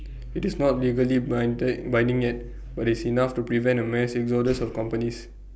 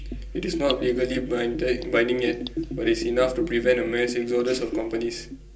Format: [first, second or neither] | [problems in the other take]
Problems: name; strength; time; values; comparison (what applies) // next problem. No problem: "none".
first | background sound (Bathtub (filling or washing) / Gurgling); 9 dB below the speech // room echo; dies away in 0.2 s